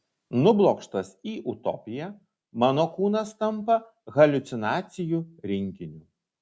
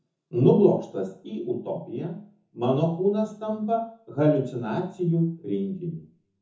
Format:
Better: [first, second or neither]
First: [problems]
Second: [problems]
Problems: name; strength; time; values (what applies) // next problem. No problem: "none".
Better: first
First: none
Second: room echo; dies away in 0.5 s